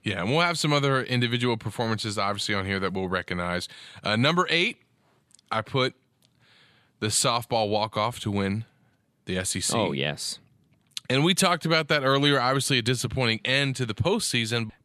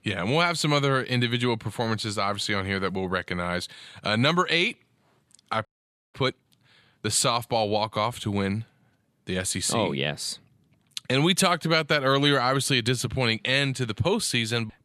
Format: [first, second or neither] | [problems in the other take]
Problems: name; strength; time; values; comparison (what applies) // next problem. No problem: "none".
first | audio freezing; at 5.5 s